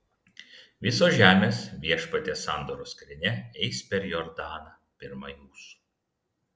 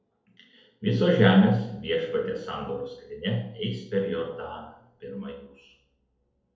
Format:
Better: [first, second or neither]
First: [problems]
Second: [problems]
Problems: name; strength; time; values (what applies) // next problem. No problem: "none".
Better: first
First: none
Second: room echo; dies away in 2.1 s